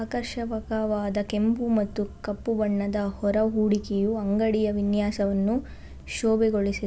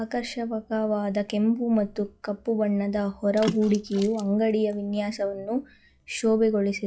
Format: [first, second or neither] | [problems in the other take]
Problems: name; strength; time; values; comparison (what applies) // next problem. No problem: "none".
first | noise reduction (classical method log-MMSE)